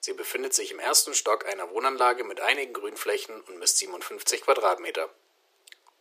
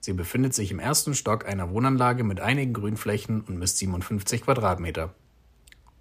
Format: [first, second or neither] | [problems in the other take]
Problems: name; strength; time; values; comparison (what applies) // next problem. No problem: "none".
second | thin; very; fading below 350 Hz